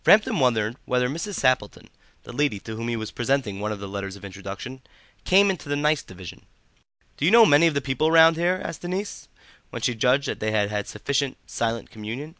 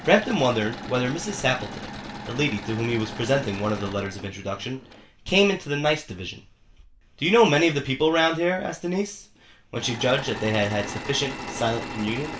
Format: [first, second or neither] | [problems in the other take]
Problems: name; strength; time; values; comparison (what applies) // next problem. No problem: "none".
first | background sound (Engine / Mechanisms); 13 dB below the speech // room echo; dies away in 0.3 s